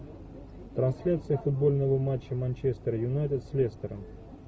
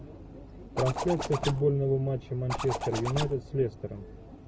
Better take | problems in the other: first | background sound (Zipper (clothing)); 6 dB below the speech

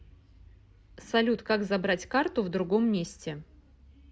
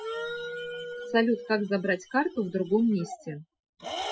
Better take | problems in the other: first | noise reduction (classical method Wiener filter)

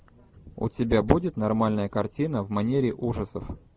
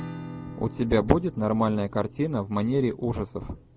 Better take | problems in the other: first | background sound (Acoustic guitar / Strum); 16 dB below the speech

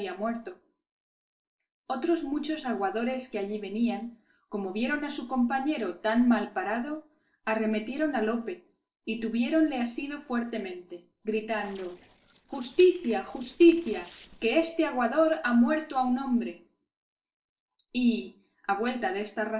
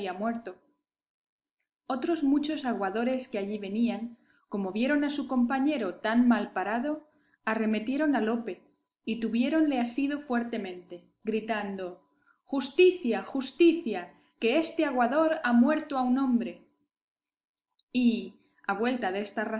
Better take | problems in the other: second | noise reduction (neural separator model SepFormer DNS4)

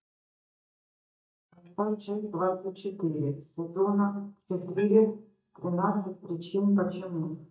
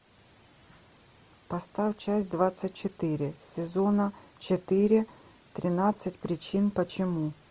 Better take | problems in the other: second | noise reduction (neural mask model DeepFilterNet 3)

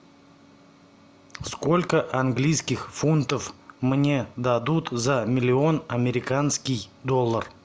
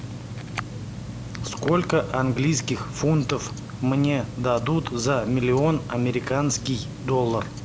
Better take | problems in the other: first | background sound (Tick-tock); 9 dB below the speech

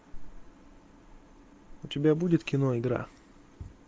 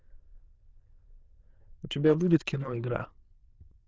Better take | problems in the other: first | noise reduction (neural diffusion model UNIVERSE++)

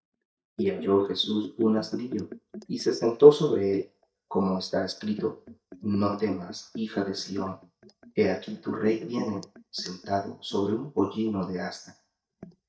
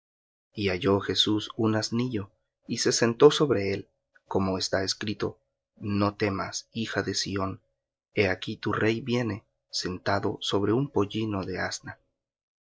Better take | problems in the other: second | noise reduction (neural mask model DeepFilterNet 3)

